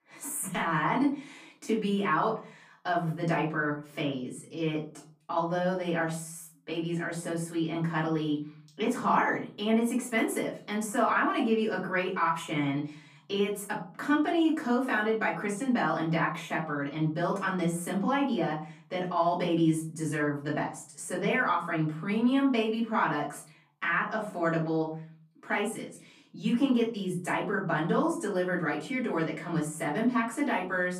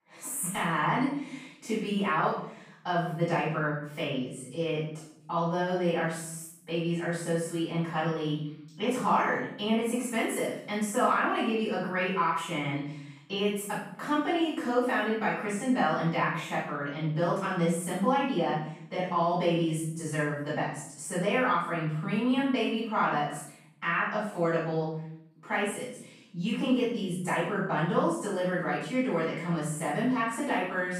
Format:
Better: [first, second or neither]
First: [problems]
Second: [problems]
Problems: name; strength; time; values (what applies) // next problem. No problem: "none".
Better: first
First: room echo; slight; dies away in 0.4 s // off-mic speech; far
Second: room echo; strong; dies away in 0.7 s // off-mic speech; far